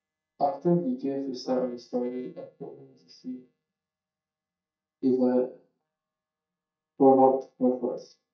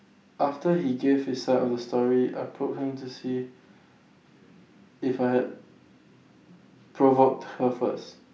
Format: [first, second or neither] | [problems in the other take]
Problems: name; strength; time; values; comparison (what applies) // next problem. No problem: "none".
second | noise reduction (neural mask model DeepFilterNet 3)